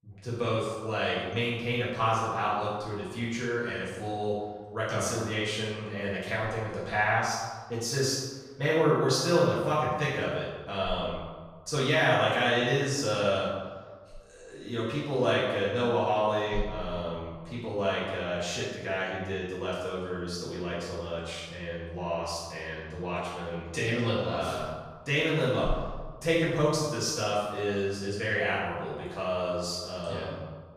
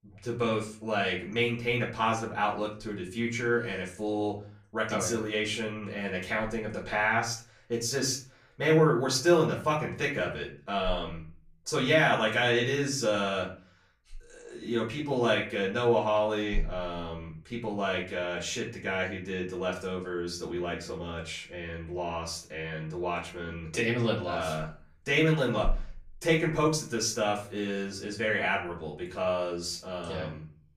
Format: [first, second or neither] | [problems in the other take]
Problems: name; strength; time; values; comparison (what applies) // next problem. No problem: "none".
second | room echo; strong; dies away in 1.2 s; slight in the second // off-mic speech; far; far in the second